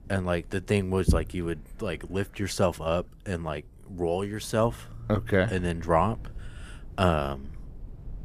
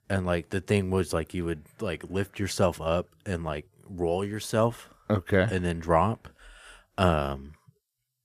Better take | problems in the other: second | low rumble; faint; throughout; 20 dB below the speech

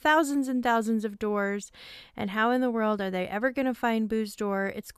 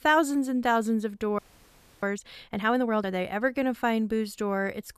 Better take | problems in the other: first | audio freezing; at 1.5 s for 0.5 s

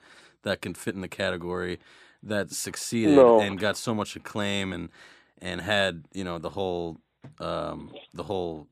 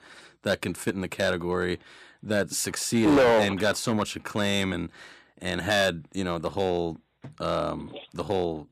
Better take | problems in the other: first | distortion; heavy; 4% of the sound clipped

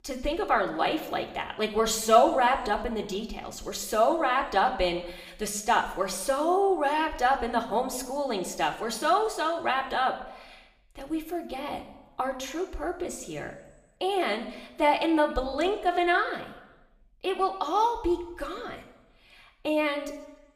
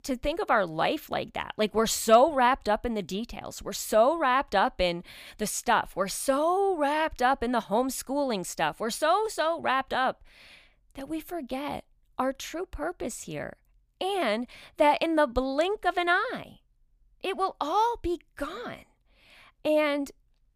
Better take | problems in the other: second | room echo; slight; dies away in 0.8 s

